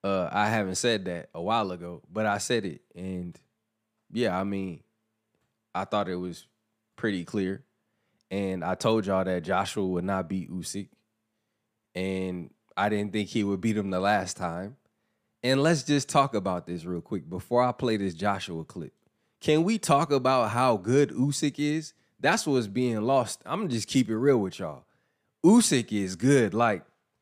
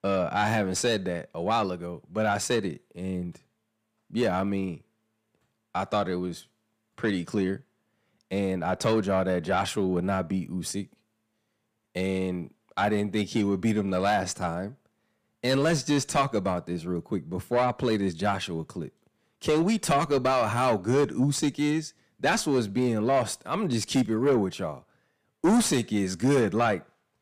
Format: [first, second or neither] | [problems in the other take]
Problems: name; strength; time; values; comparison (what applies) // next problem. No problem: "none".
first | distortion; slight; 10 dB below the speech